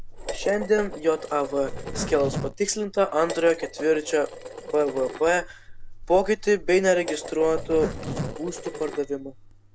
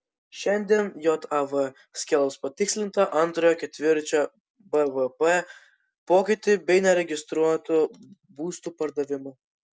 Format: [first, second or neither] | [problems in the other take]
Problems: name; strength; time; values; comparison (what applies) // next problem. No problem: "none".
second | background sound (Dishes, pots, and pans + Zipper (clothing)); 10 dB below the speech